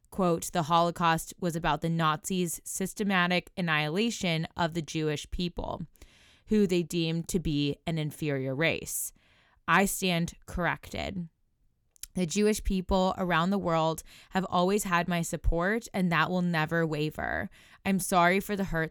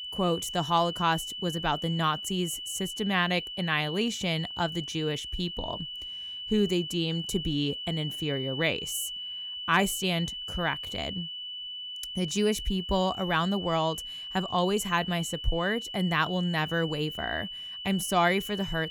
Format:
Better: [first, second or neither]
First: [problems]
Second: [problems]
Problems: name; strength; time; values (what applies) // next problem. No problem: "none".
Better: first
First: none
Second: high-pitched whine; loud; throughout; 3 kHz, 6 dB below the speech